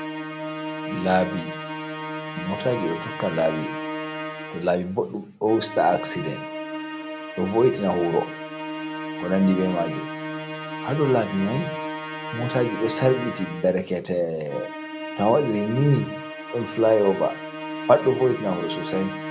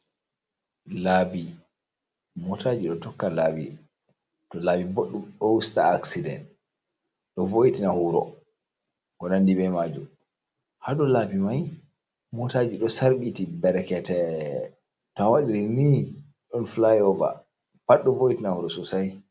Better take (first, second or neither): second